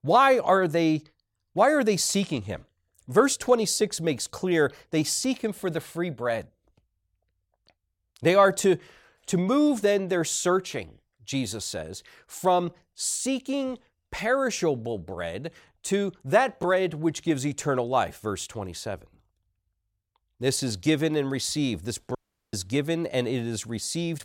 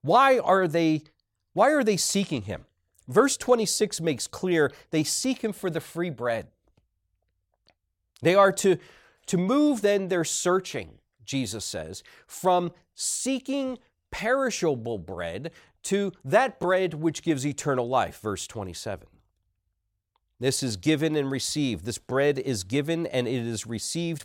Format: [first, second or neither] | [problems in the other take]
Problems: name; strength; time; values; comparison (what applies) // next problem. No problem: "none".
second | audio cutting out; at 22 s